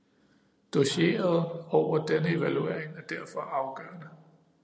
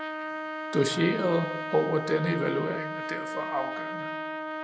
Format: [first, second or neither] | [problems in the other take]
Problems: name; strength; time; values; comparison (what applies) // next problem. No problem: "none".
first | background sound (Trumpet); 5 dB below the speech